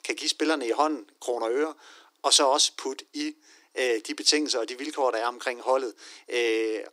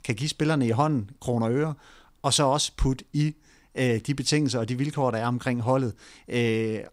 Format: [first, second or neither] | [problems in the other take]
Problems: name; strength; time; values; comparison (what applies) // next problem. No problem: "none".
second | thin; very; fading below 300 Hz